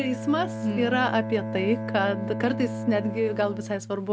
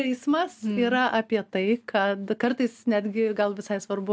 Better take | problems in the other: second | background sound (Bowed string instrument); 6 dB below the speech

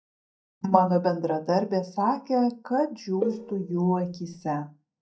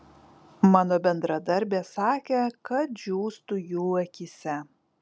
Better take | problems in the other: second | noise reduction (neural mask model DeepFilterNet 3)

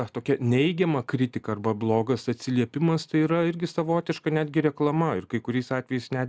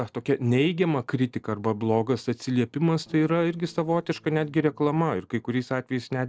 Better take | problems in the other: first | noise reduction (neural separator model SepFormer DNS4)

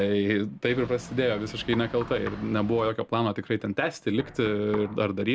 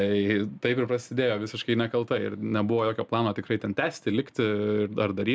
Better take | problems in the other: second | background sound (Boat, Water vehicle + Knock); 17 dB below the speech

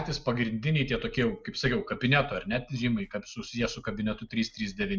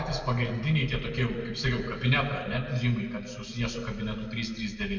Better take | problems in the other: first | room echo; dies away in 2 s

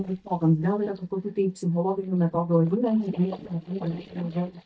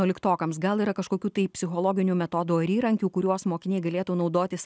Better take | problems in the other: second | noise reduction (neural mask model DeepFilterNet 3)

